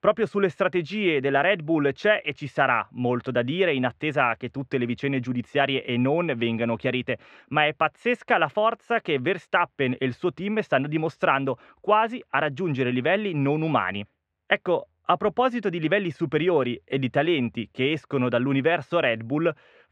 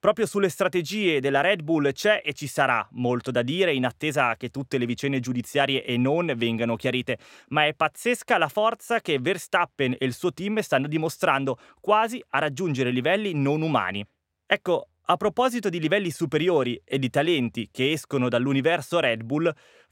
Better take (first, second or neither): second